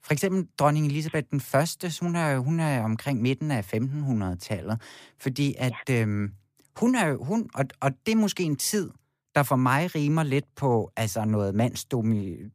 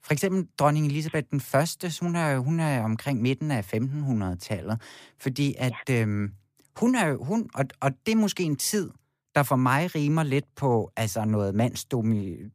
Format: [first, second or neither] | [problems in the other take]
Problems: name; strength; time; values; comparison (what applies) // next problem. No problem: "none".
neither | none